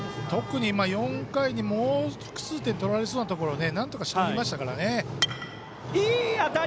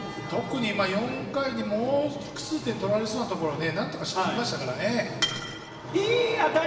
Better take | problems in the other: first | room echo; dies away in 1.3 s

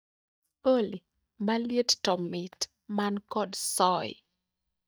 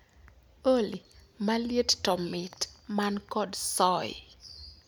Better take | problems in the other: second | noise reduction (neural mask model DeepFilterNet 3)

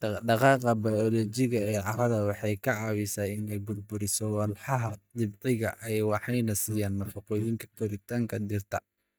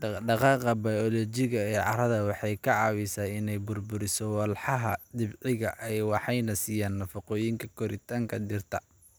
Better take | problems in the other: second | noise reduction (neural mask model DeepFilterNet 3)

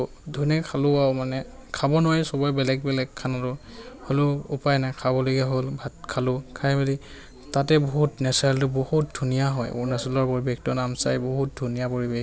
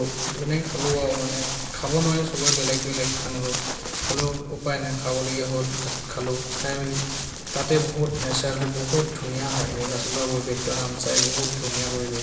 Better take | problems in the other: first | background sound (Walk, footsteps); 3 dB below the speech // room echo; dies away in 1.2 s

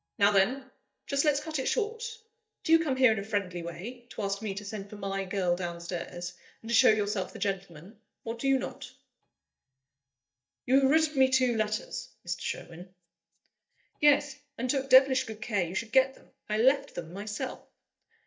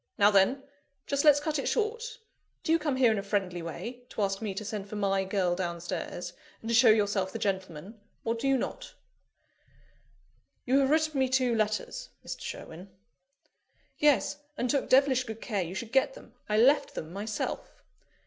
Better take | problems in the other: second | noise reduction (neural mask model DeepFilterNet 3)

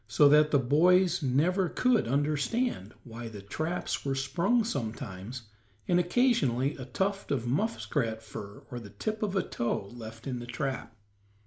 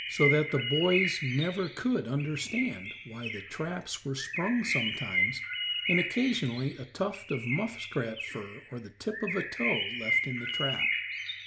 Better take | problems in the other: first | background sound (Bird); 2 dB below the speech

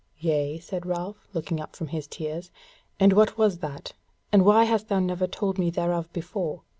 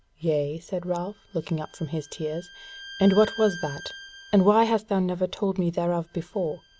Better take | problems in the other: first | background sound (Bowed string instrument); 19 dB below the speech

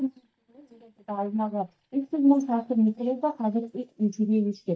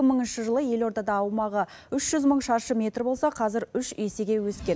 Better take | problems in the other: second | noise reduction (neural mask model DeepFilterNet 3)

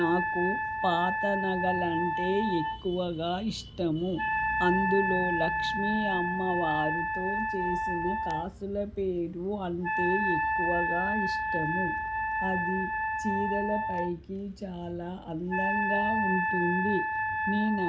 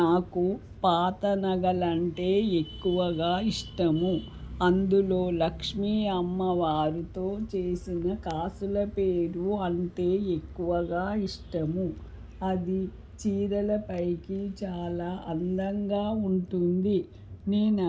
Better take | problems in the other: second | background sound (Wind instrument, woodwind instrument); as loud as the speech

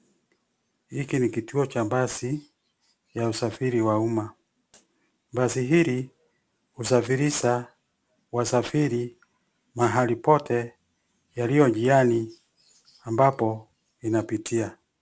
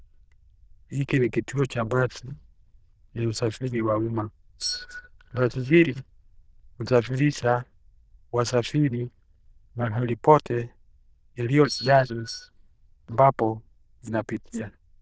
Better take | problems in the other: first | noise reduction (neural diffusion model UNIVERSE++)

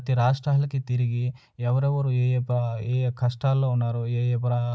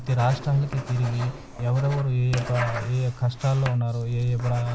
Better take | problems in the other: first | background sound (Writing); 12 dB below the speech

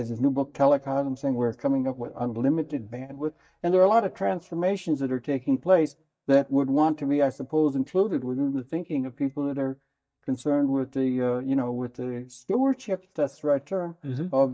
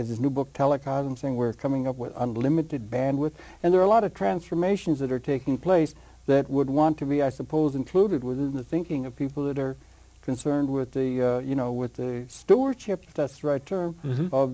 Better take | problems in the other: second | noise reduction (neural mask model DeepFilterNet 3)

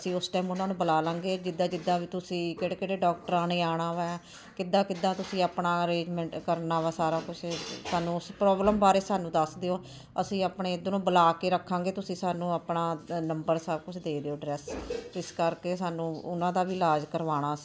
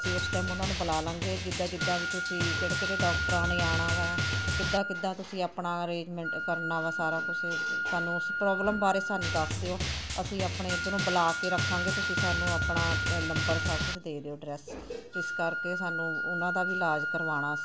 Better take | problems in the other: first | background sound (Wind instrument, woodwind instrument + Drum); 2 dB above the speech

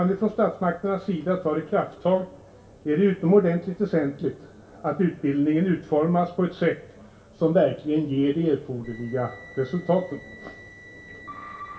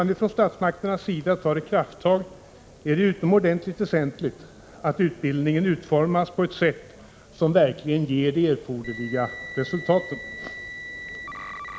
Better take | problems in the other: second | room echo; dies away in 0.3 s

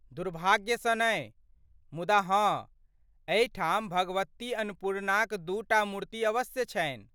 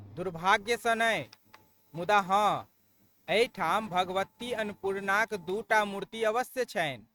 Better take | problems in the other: first | noise reduction (neural mask model RNNoise)

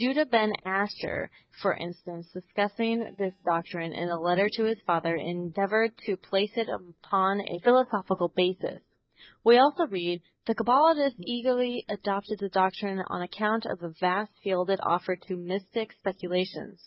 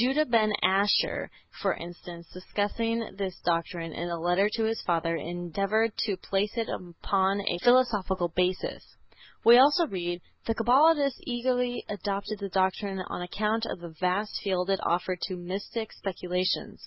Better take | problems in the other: second | noise reduction (neural mask model DeepFilterNet 3)

